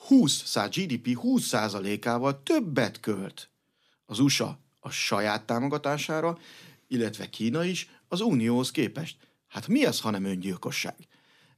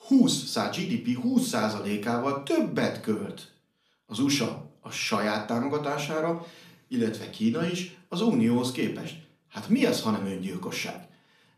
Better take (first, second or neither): first